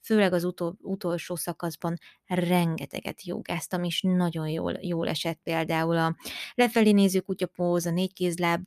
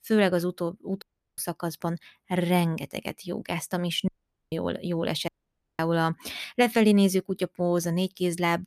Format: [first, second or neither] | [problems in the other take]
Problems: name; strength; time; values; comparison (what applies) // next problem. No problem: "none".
first | audio cutting out; at 1 s, at 4 s and at 5.5 s for 0.5 s